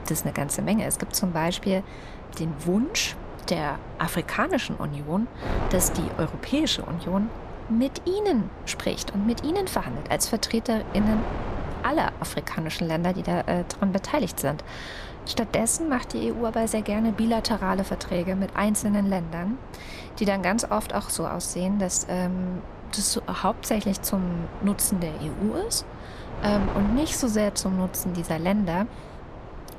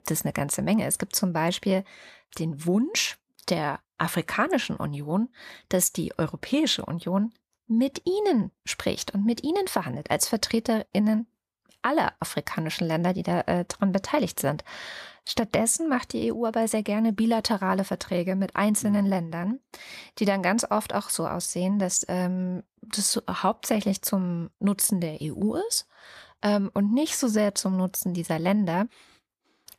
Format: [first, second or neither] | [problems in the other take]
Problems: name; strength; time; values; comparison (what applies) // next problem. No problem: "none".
second | wind noise on the microphone; occasional gusts; 10 dB below the speech